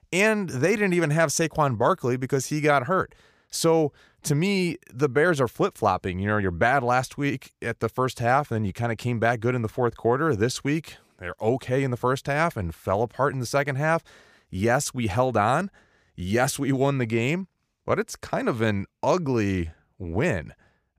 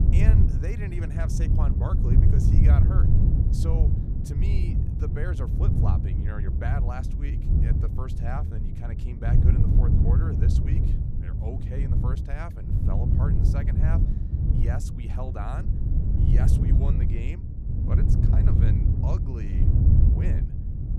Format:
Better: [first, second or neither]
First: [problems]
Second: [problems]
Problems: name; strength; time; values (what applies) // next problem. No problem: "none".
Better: first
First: none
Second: wind noise on the microphone; heavy; 2 dB above the speech